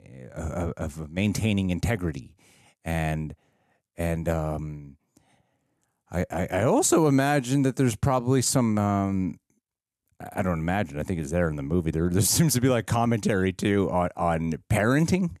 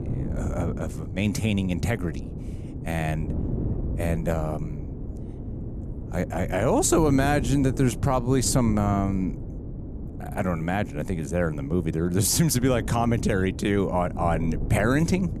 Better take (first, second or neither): first